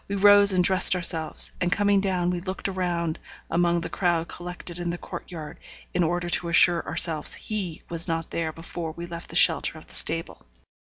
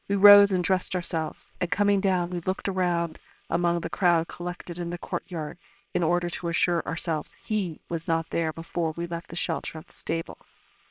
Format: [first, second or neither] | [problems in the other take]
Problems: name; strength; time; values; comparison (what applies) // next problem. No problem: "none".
first | noise reduction (neural separator model SepFormer WHAMR!)